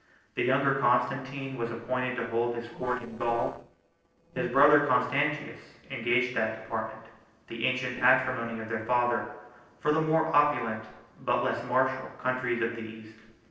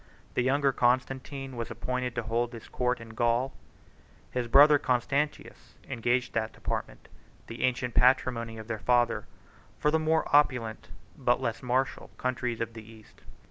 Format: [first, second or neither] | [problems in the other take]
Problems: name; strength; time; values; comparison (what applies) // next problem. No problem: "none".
second | noise reduction (neural separator model SepFormer DNS4)